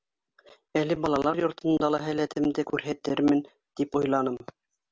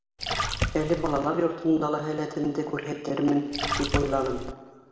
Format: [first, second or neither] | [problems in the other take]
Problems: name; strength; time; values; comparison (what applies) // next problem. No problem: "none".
first | background sound (Splash, splatter); 2 dB below the speech // room echo; dies away in 1.5 s